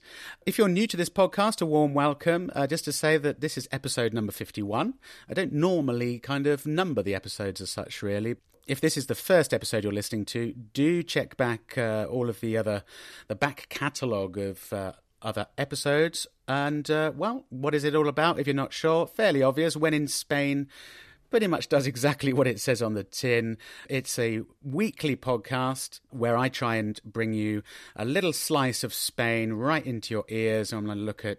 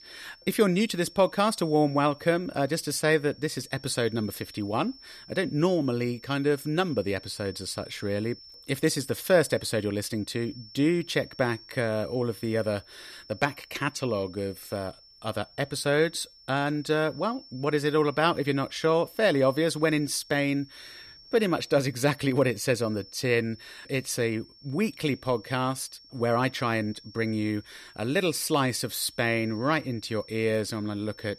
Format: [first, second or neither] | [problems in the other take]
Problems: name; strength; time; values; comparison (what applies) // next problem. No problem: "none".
first | high-pitched whine; faint; throughout; 5.5 kHz, 20 dB below the speech